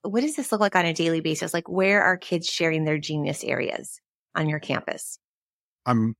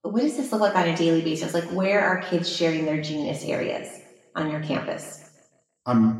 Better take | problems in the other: first | room echo; slight; dies away in 0.9 s // off-mic speech; far

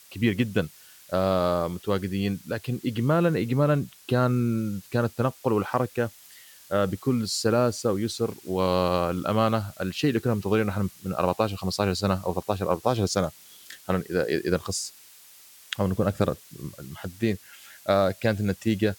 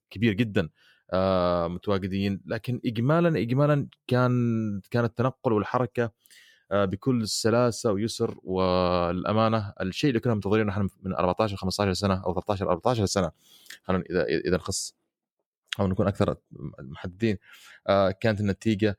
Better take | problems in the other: second | hiss; faint; throughout; 20 dB below the speech

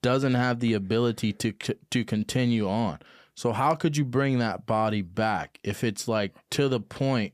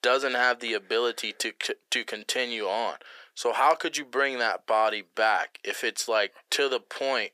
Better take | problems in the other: first | thin; very; fading below 400 Hz

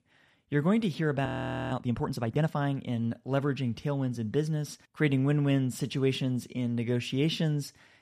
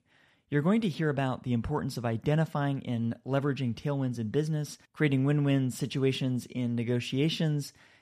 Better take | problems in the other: second | audio freezing; at 1.5 s

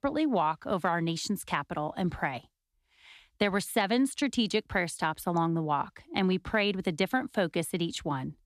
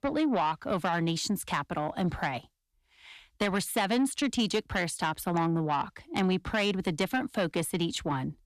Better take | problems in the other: first | distortion; slight; 10 dB below the speech

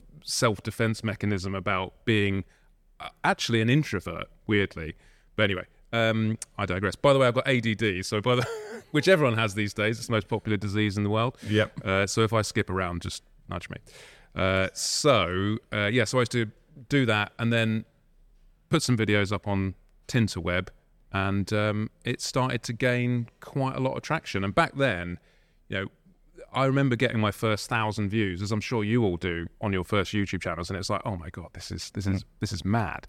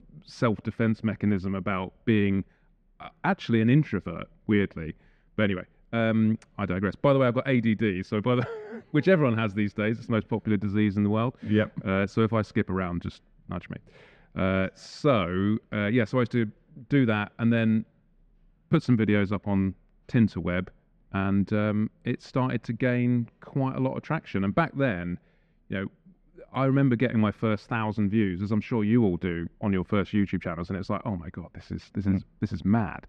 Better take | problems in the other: first | muffled; slightly; fading above 2.5 kHz

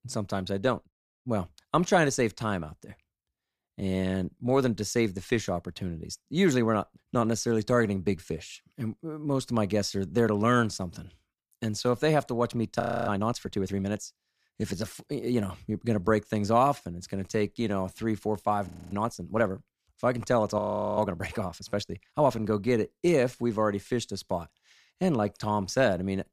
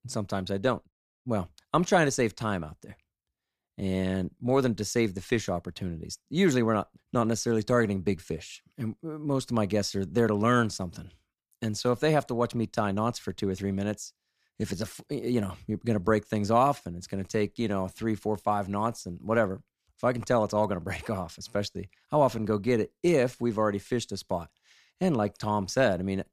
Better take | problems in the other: second | audio freezing; at 13 s, at 19 s and at 21 s

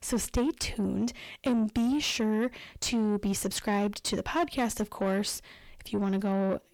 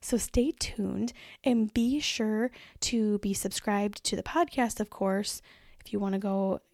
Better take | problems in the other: second | distortion; slight; 10 dB below the speech

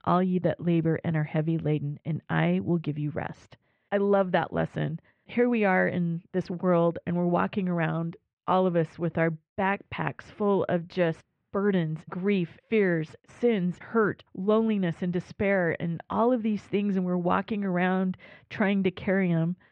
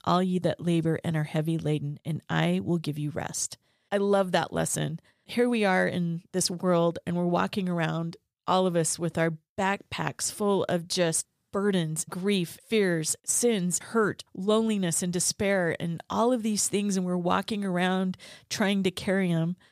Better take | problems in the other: second | muffled; very; fading above 2.5 kHz

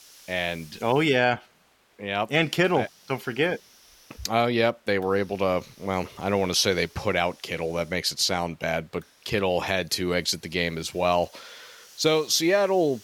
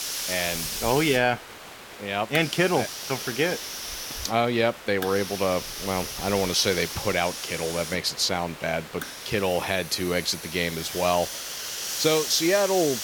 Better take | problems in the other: first | hiss; loud; throughout; 7 dB below the speech; faint in the first

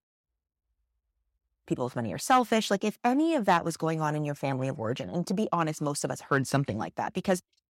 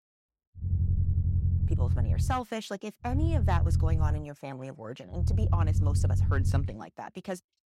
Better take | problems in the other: first | low rumble; loud; from 0.5 to 2.5 s, from 3 to 4 s and from 5 to 6.5 s; 6 dB below the speech

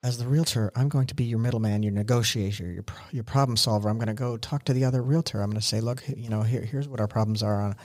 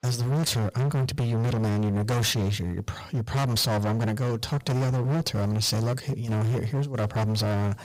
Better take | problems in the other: first | distortion; heavy; 33% of the sound clipped

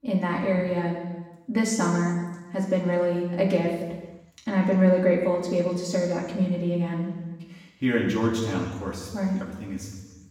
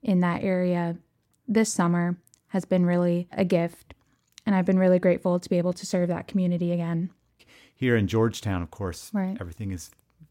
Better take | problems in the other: second | room echo; noticeable; dies away in 1.2 s // off-mic speech; far

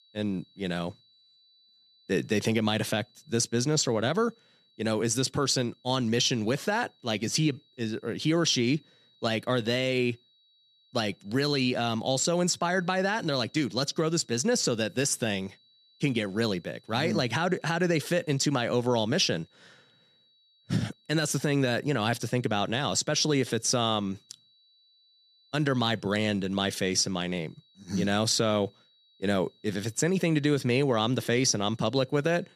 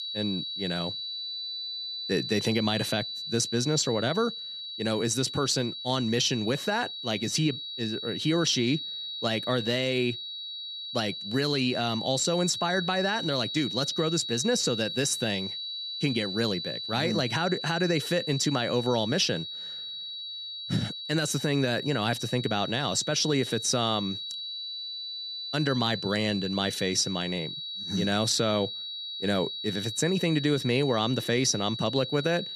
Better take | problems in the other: first | high-pitched whine; loud; throughout; 4 kHz, 6 dB below the speech; faint in the first

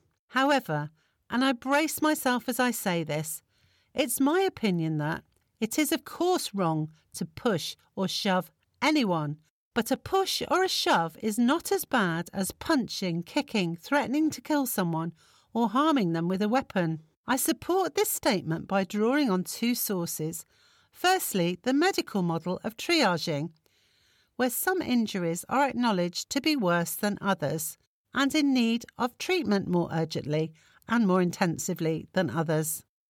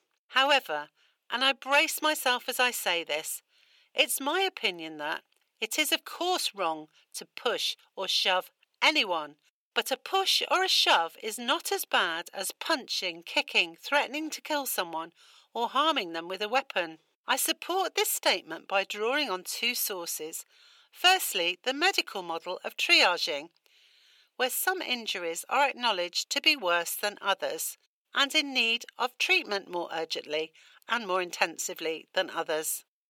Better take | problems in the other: first | thin; very; fading below 450 Hz

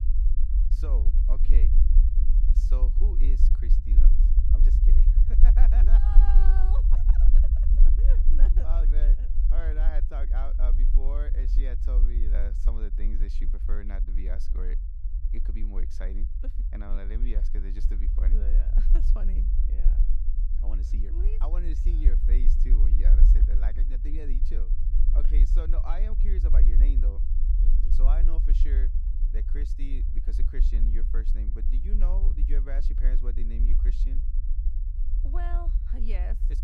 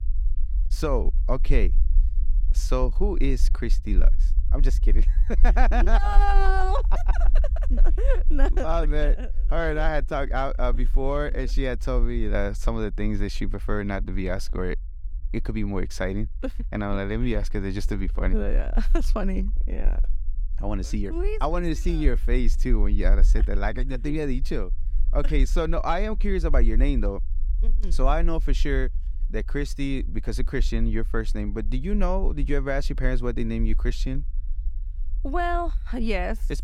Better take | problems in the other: second | low rumble; loud; throughout; 4 dB below the speech; faint in the second

